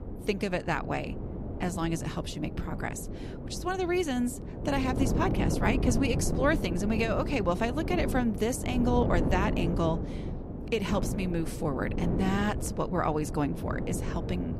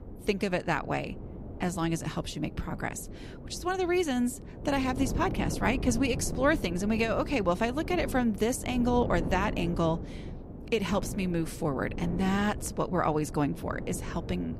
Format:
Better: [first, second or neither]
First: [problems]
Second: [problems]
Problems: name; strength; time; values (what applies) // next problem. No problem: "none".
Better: second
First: wind noise on the microphone; heavy; 8 dB below the speech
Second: wind noise on the microphone; occasional gusts; 15 dB below the speech